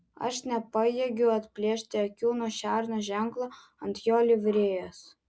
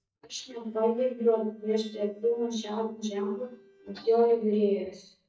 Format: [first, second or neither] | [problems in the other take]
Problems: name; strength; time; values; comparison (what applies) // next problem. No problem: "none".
first | noise reduction (neural mask model DeepFilterNet 3)